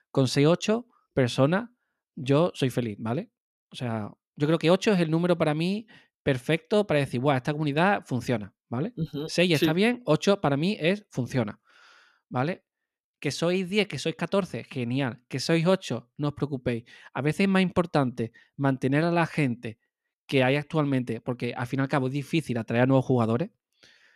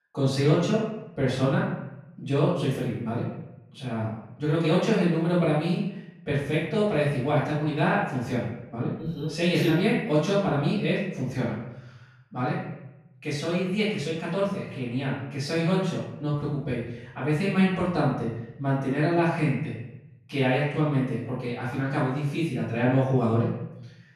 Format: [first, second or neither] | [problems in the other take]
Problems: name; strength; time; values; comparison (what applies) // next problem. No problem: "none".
first | room echo; noticeable; dies away in 0.8 s // off-mic speech; far